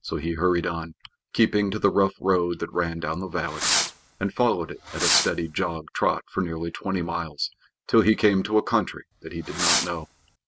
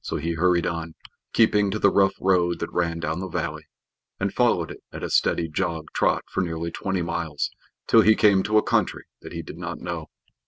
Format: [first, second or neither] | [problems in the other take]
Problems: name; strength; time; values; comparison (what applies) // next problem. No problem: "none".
second | background sound (Fireworks); 3 dB below the speech